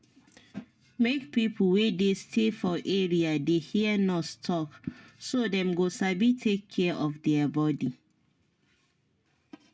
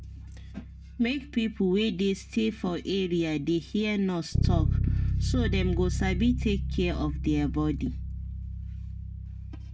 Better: first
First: none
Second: background sound (Bass guitar); 2 dB below the speech

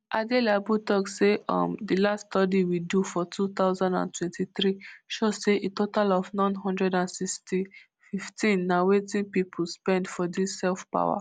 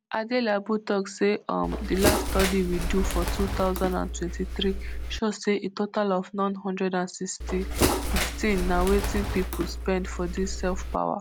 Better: first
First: none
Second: background sound (Bird); 1 dB below the speech

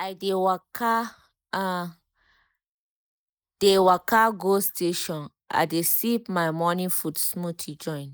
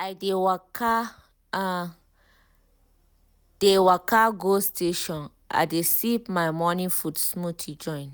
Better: second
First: noise reduction (neural mask model Resemble Enhance denoiser)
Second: none

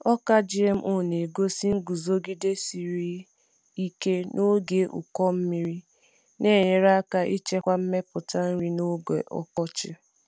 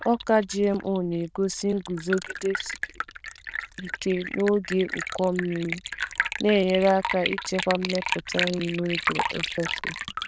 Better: first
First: none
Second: noise reduction (neural diffusion model UNIVERSE++)

